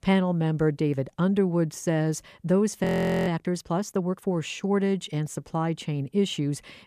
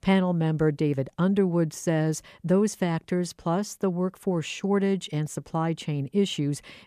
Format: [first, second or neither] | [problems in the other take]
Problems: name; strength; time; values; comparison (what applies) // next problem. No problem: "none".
second | audio freezing; at 3 s